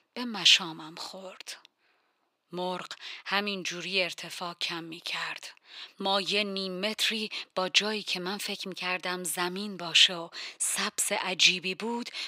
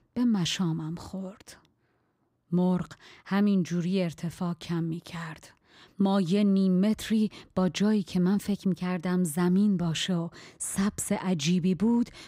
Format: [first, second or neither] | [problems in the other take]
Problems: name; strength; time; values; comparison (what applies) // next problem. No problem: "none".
second | thin; very; fading below 600 Hz